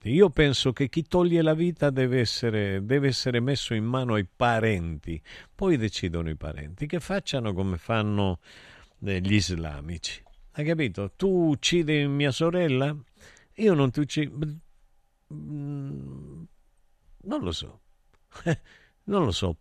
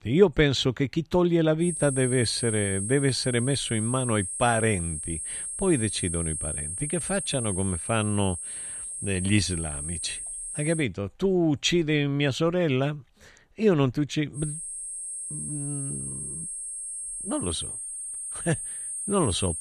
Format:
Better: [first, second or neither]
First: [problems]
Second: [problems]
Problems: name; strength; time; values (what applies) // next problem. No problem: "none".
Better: first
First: none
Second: high-pitched whine; loud; from 1.5 to 11 s and from 14 s on; 8.5 kHz, 5 dB below the speech